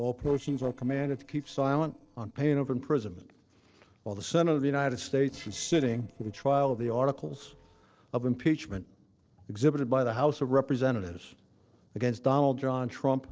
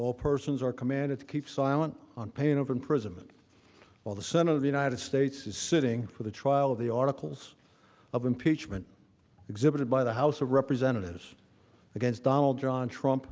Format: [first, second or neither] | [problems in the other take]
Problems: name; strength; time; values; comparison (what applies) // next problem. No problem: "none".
second | noise reduction (neural separator model SepFormer DNS4)